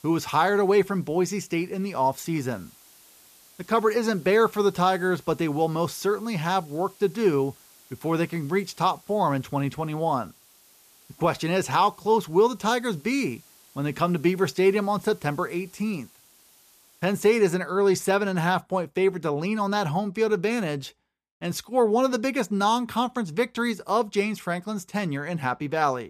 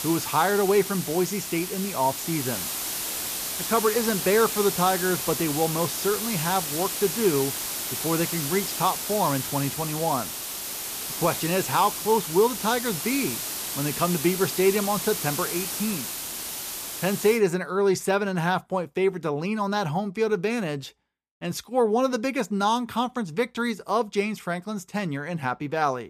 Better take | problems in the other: first | hiss; loud; until 17 s; 3 dB below the speech; faint in the first

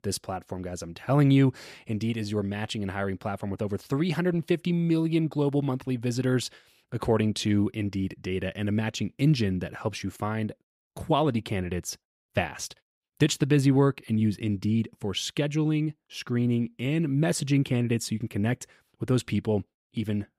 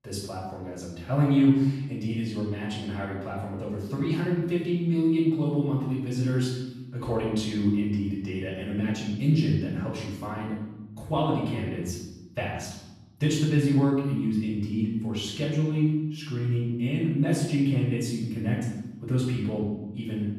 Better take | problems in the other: first | off-mic speech; far // room echo; noticeable; dies away in 1 s

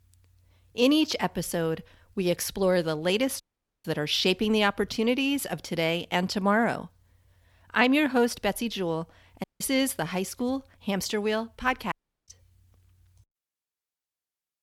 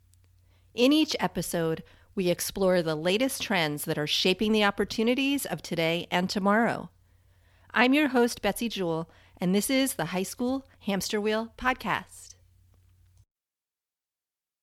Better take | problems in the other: second | audio cutting out; at 3.5 s, at 9.5 s and at 12 s

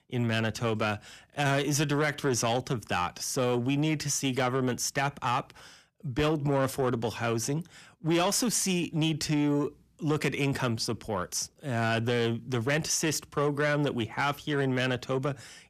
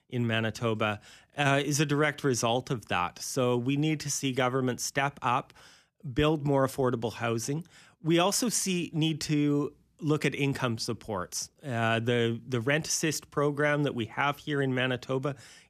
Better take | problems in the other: second | distortion; slight; 10 dB below the speech

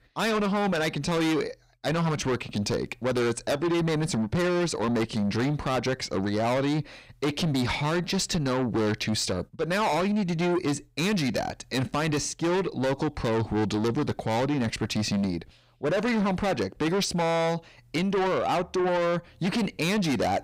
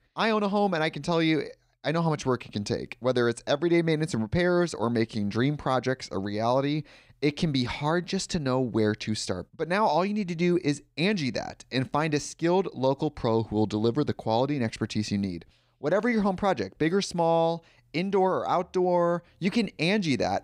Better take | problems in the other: second | distortion; heavy; 6 dB below the speech

